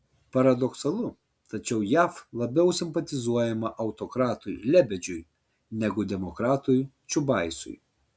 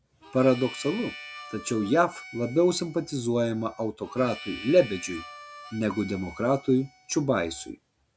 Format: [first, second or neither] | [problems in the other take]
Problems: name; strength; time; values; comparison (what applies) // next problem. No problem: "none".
first | background sound (Harmonica); 17 dB below the speech